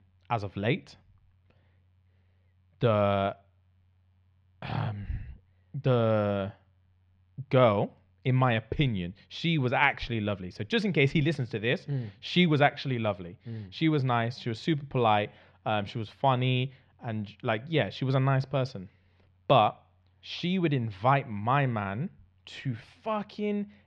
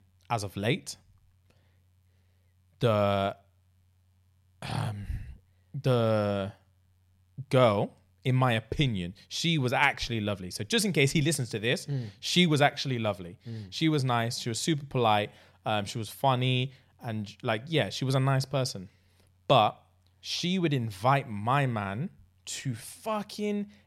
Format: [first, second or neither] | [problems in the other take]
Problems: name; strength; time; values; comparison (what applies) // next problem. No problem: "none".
second | muffled; slightly; fading above 3 kHz